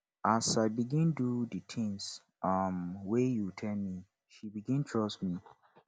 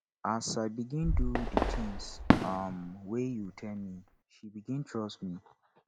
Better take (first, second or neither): first